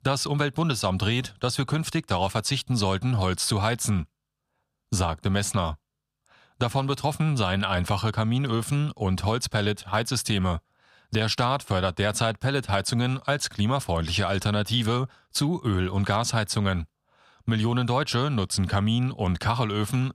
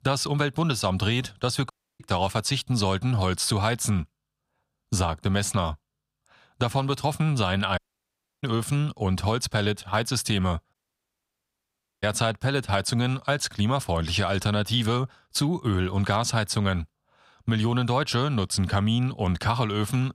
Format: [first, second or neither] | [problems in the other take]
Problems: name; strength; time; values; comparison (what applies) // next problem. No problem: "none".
first | audio cutting out; at 1.5 s, at 8 s for 0.5 s and at 11 s for 1.5 s